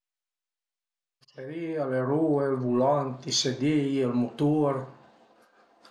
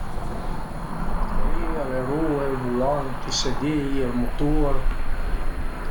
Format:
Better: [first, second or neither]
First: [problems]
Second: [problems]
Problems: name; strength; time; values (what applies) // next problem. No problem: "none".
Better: first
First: none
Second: background sound (Cricket / Motor vehicle (road)); 5 dB above the speech